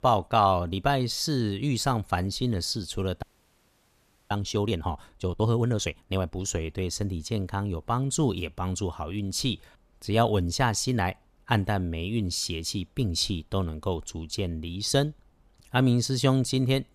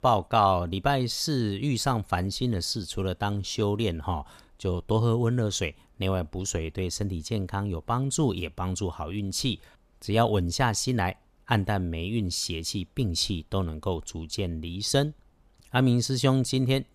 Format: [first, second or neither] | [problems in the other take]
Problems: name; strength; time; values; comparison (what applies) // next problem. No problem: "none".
second | audio freezing; at 3 s for 1 s